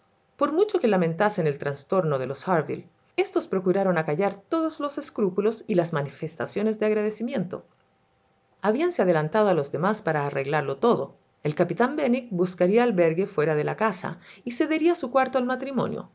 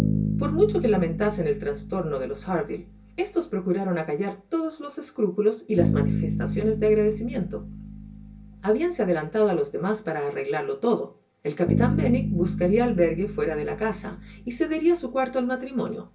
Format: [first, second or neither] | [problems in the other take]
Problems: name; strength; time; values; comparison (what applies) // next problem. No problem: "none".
first | background sound (Bass guitar); 5 dB below the speech // room echo; dies away in 0.2 s